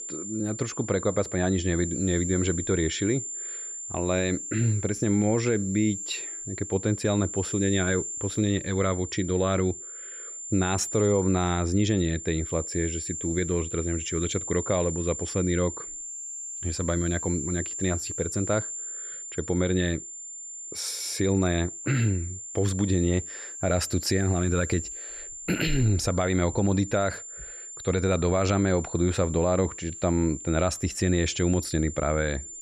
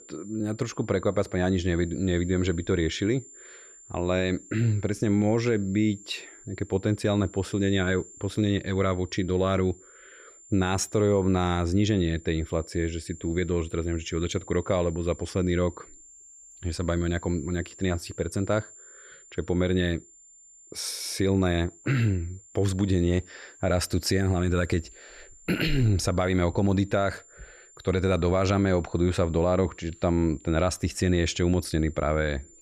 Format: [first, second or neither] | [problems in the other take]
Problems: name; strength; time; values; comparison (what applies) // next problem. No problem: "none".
second | high-pitched whine; loud; throughout; 7.5 kHz, 7 dB below the speech; faint in the second